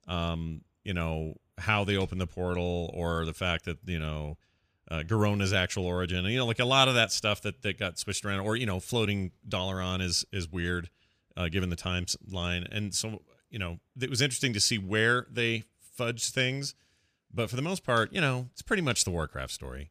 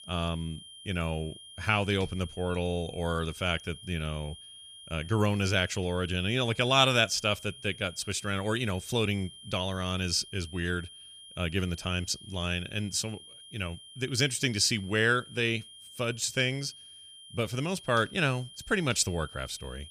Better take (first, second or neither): first